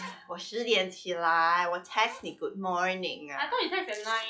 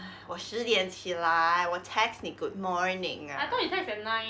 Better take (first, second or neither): second